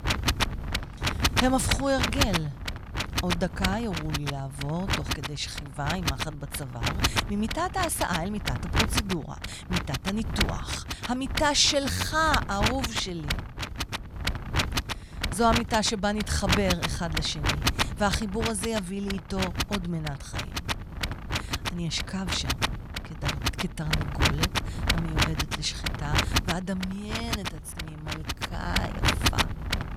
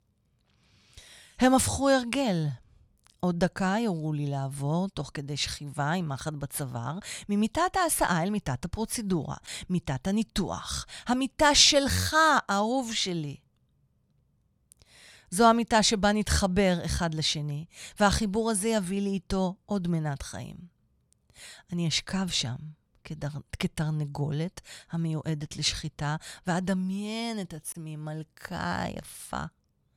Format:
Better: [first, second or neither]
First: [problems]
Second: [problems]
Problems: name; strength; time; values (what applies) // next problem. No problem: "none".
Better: second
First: wind noise on the microphone; heavy; as loud as the speech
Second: none